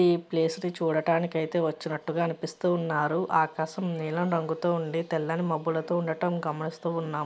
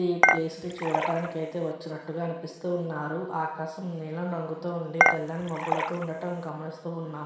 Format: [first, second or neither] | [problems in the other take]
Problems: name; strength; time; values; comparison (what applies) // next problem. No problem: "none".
first | background sound (Dishes, pots, and pans / Chink, clink); 4 dB above the speech // room echo; dies away in 1.1 s